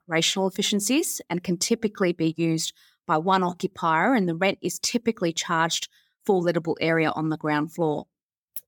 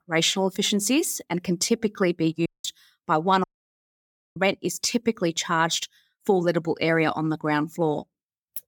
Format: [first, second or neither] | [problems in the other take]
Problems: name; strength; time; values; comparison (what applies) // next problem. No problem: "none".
first | audio cutting out; at 2.5 s and at 3.5 s for 1 s